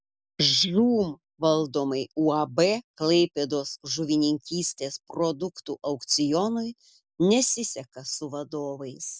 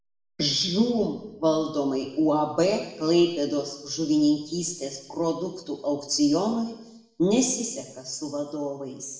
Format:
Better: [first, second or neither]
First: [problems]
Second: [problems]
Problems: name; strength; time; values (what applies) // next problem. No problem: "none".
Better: first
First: none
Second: room echo; dies away in 0.9 s